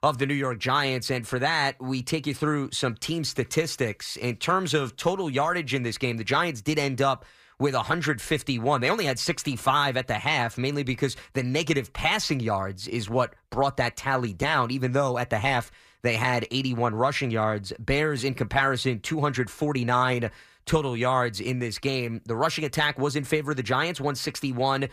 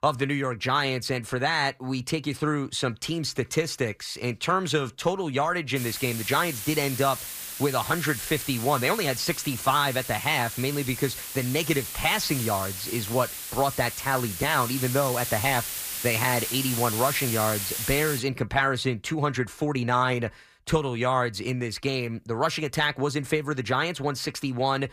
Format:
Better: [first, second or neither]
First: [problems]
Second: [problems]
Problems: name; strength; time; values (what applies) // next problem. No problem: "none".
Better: first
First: none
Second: hiss; loud; from 6 to 18 s; 5 dB below the speech